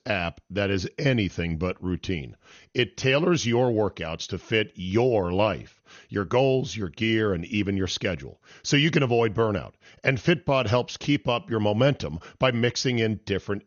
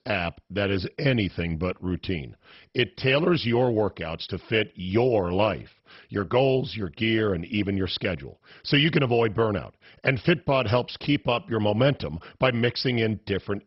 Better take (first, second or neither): first